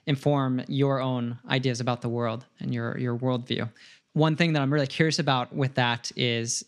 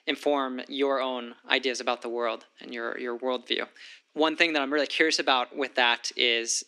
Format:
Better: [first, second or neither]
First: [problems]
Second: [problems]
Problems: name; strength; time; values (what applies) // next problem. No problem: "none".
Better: first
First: none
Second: thin; somewhat; fading below 300 Hz